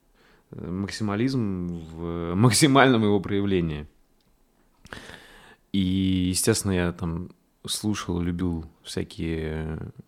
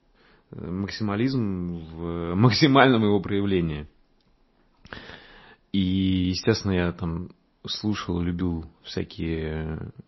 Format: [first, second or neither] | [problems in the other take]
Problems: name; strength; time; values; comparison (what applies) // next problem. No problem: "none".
first | garbled, watery; slightly; nothing above 5.5 kHz